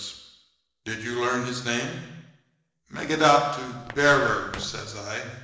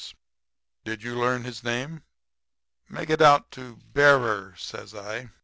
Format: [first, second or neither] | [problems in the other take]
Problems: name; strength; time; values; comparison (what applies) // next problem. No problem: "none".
second | noise reduction (neural separator model SepFormer DNS4)